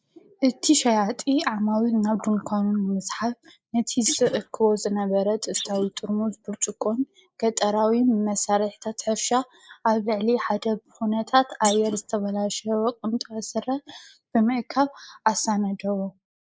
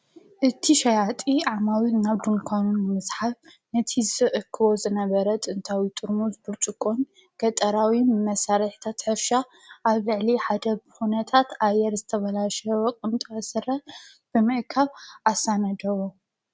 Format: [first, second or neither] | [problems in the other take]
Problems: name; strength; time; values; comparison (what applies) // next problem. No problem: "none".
second | noise reduction (neural mask model Resemble Enhance denoiser)